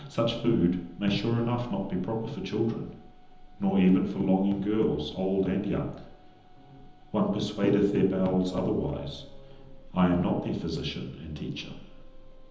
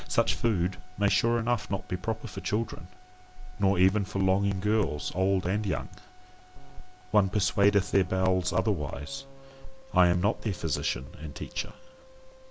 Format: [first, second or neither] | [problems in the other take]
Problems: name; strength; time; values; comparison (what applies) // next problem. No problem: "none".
second | room echo; dies away in 0.9 s